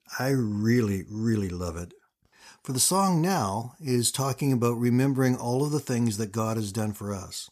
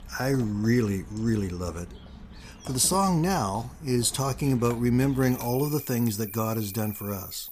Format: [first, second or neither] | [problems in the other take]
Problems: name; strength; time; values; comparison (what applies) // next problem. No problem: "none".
first | animal sounds; noticeable; throughout; 15 dB below the speech